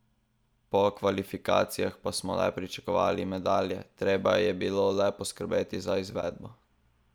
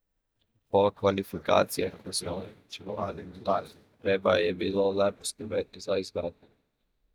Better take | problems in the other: first | noise reduction (neural mask model DeepFilterNet 3)

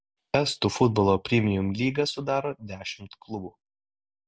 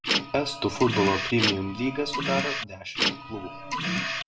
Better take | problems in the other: first | background sound (Printer); 1 dB below the speech // room echo; dies away in 0.4 s

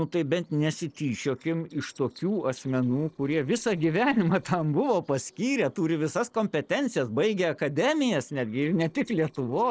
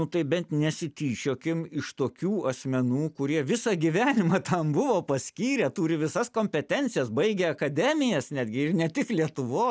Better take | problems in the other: second | noise reduction (neural separator model SepFormer DNS4)

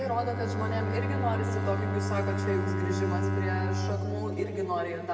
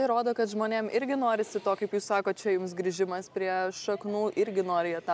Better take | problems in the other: second | background sound (Bowed string instrument); 2 dB above the speech // room echo; dies away in 2.3 s

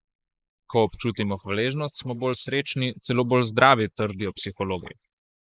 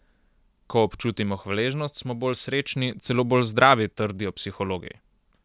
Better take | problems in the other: second | noise reduction (neural mask model Resemble Enhance denoiser)

